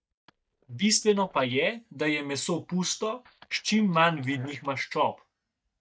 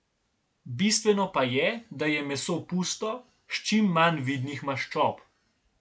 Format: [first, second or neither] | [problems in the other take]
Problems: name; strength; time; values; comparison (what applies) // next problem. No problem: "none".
second | noise reduction (neural mask model DeepFilterNet 3)